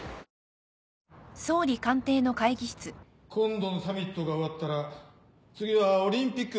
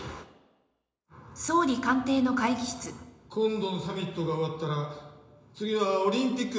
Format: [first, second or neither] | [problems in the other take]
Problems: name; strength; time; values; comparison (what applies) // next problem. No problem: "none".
first | room echo; dies away in 0.8 s